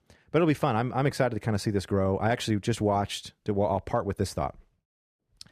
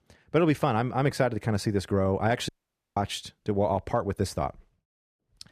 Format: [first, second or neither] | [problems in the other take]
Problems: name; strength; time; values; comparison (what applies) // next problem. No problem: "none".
first | audio cutting out; at 2.5 s